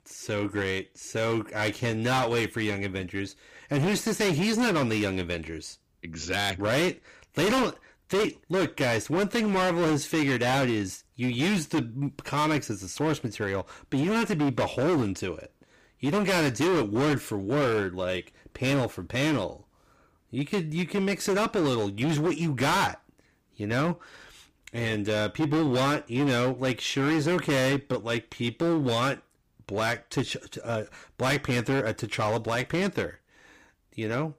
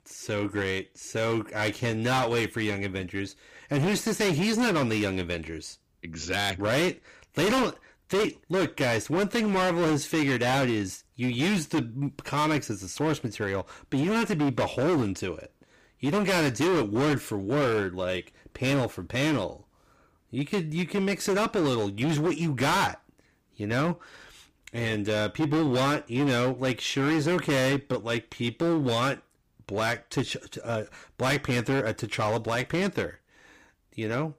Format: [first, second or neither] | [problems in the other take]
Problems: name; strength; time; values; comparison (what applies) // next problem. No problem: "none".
neither | distortion; heavy; 16% of the sound clipped; the same in both